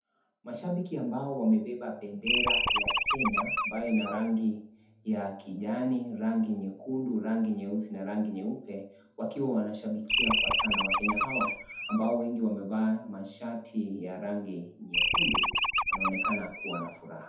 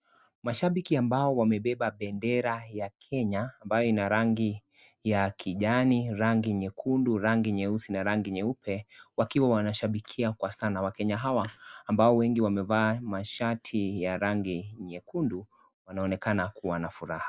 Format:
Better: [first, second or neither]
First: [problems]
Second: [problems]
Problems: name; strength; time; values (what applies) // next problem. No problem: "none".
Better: second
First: background sound (Animal); 3 dB above the speech // room echo; dies away in 0.6 s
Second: none